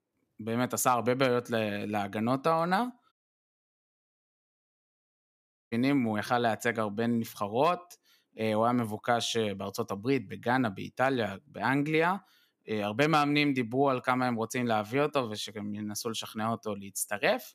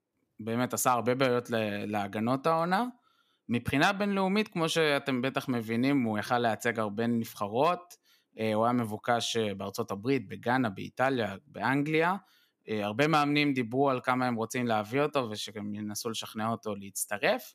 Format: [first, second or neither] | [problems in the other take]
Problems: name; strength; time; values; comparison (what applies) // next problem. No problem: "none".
second | audio cutting out; at 3 s for 2.5 s